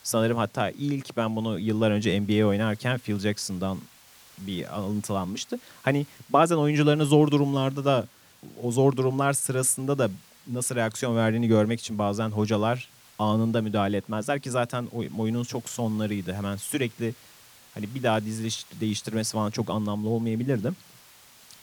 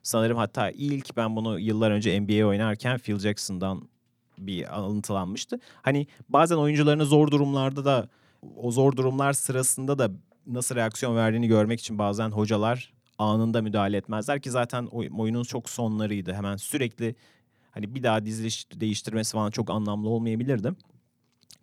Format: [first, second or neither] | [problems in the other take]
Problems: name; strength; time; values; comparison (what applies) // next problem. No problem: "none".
second | hiss; faint; throughout; 25 dB below the speech